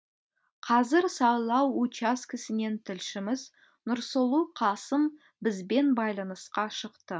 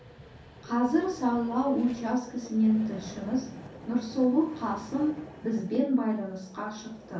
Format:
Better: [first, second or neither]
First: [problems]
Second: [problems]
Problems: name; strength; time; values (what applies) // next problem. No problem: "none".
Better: first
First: none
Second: background sound (Vehicle); 17 dB below the speech // room echo; dies away in 0.6 s